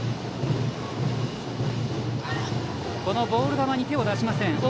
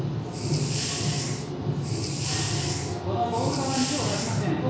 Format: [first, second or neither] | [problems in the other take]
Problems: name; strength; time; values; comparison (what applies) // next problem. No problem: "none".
first | background sound (Hiss); 7 dB below the speech // room echo; dies away in 1.1 s